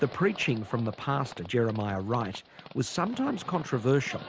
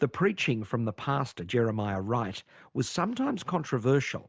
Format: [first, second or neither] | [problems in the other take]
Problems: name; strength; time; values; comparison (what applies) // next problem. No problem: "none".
second | background sound (Livestock, farm animals, working animals); 17 dB below the speech